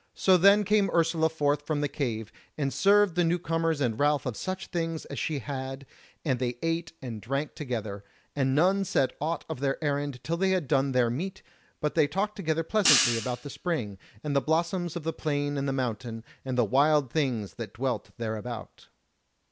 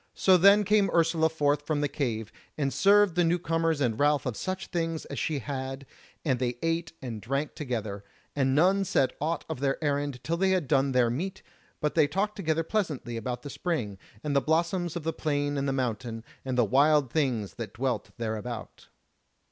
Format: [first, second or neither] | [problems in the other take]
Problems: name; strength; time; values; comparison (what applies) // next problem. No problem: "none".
second | background sound (Hi-hat); 3 dB below the speech